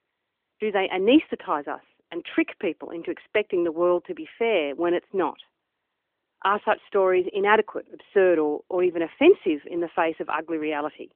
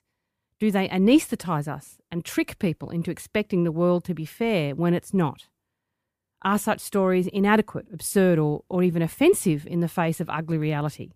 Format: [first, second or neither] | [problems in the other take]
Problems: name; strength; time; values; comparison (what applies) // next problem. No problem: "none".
second | phone-call audio; nothing above 3 kHz